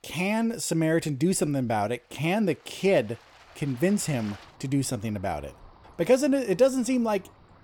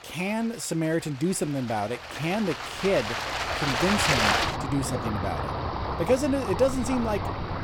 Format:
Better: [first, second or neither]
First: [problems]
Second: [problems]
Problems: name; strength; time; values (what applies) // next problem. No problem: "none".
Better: first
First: rain or running water; faint; throughout; 25 dB below the speech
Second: rain or running water; loud; throughout; as loud as the speech